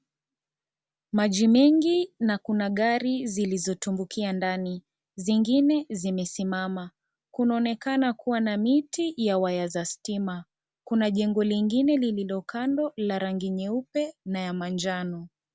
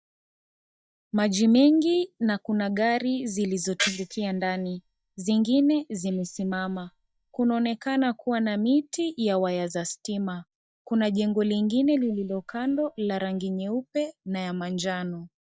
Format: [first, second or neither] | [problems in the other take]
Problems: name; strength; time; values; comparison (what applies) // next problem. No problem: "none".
first | noise reduction (neural mask model DeepFilterNet 3)